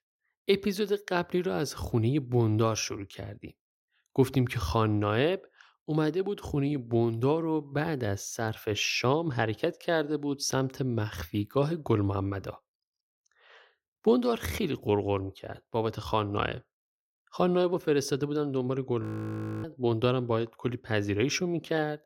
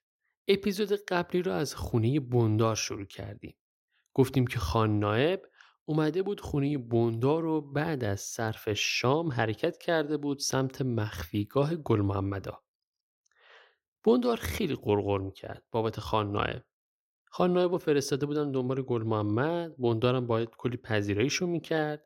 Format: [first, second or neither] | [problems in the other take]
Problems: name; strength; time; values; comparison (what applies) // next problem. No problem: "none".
second | audio freezing; at 19 s for 0.5 s